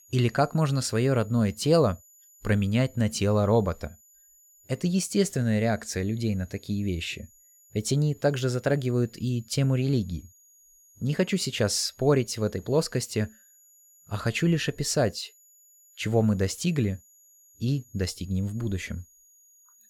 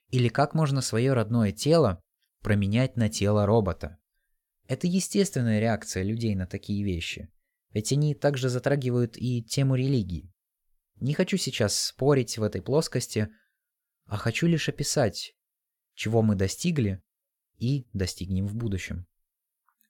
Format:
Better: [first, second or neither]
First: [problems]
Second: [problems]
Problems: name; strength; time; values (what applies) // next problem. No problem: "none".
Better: second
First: high-pitched whine; faint; throughout; 7 kHz, 30 dB below the speech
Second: none